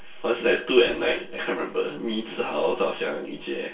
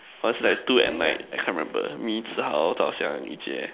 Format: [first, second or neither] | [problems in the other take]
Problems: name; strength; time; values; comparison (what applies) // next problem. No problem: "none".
second | room echo; dies away in 0.2 s